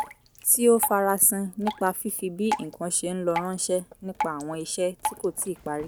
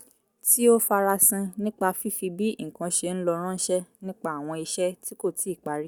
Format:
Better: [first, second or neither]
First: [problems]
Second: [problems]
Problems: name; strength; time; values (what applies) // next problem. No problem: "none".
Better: second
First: background sound (Drip); 10 dB below the speech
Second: none